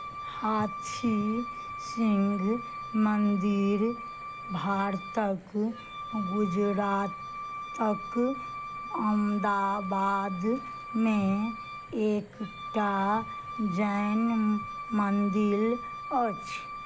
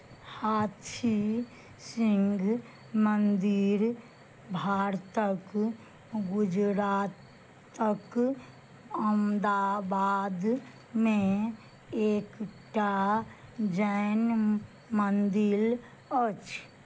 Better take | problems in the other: second | background sound (Wind instrument, woodwind instrument); 10 dB below the speech

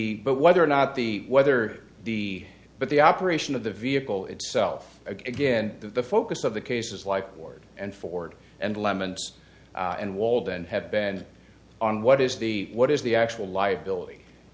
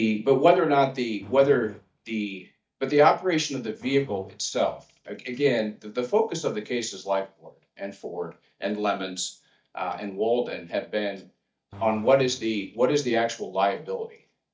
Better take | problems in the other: first | noise reduction (neural mask model DeepFilterNet 3)

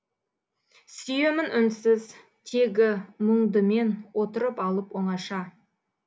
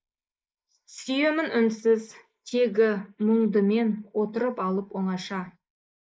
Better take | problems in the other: first | noise reduction (neural mask model Resemble Enhance denoiser)

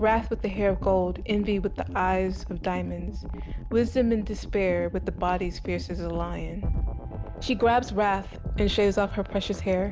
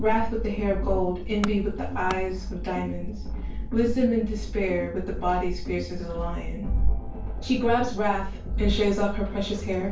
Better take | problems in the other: first | background sound (Tools); 16 dB below the speech // room echo; dies away in 0.3 s

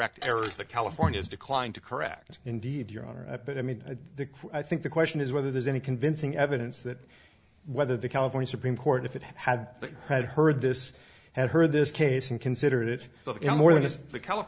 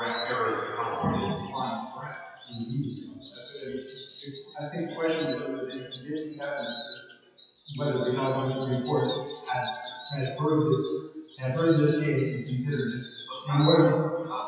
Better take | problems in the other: first | noise reduction (classical method WPE with log-MMSE)

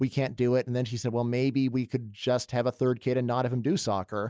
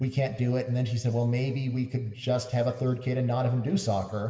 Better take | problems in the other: first | room echo; dies away in 1.4 s

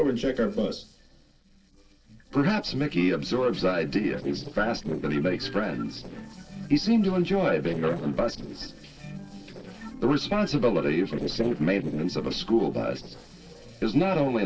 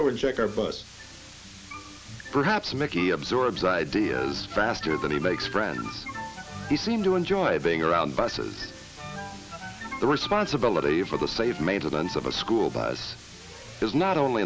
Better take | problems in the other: second | noise reduction (neural separator model SepFormer DNS4)

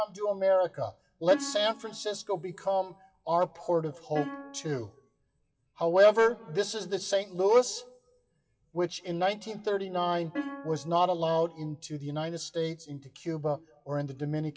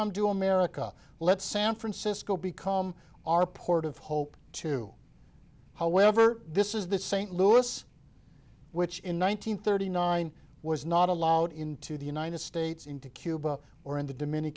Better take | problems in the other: second | noise reduction (classical method WPE with log-MMSE)

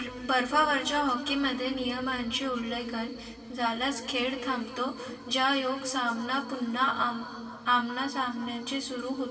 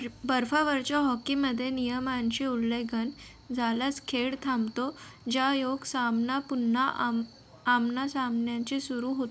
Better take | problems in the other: second | room echo; dies away in 2.5 s

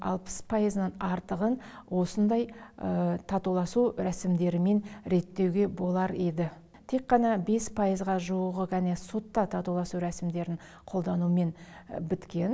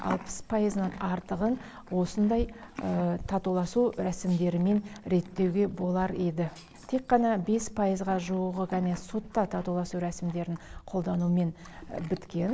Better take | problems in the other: first | background sound (Livestock, farm animals, working animals); 16 dB below the speech

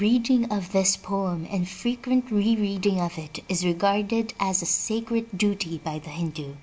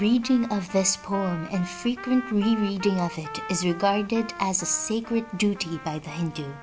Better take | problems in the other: first | background sound (Trumpet); 15 dB below the speech

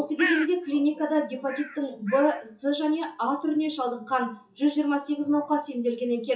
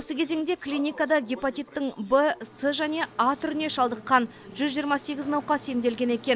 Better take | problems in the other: second | noise reduction (classical method WPE with log-MMSE)

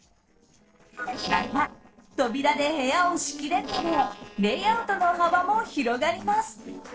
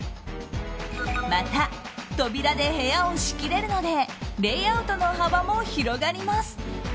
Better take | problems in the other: second | noise reduction (neural separator model SepFormer DNS4)

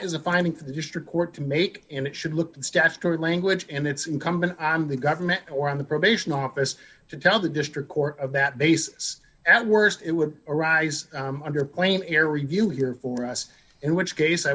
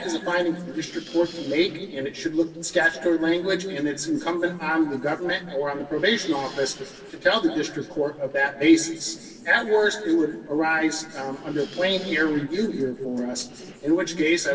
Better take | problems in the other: first | noise reduction (neural separator model SepFormer DNS4)

